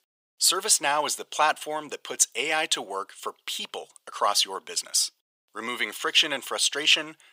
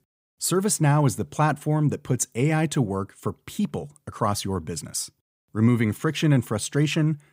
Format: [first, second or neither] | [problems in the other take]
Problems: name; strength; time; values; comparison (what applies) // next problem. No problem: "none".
second | thin; very; fading below 550 Hz